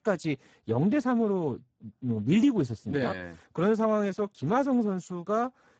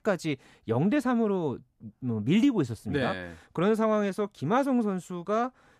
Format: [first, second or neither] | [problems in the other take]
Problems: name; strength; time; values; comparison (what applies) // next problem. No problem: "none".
second | garbled, watery; badly; nothing above 7.5 kHz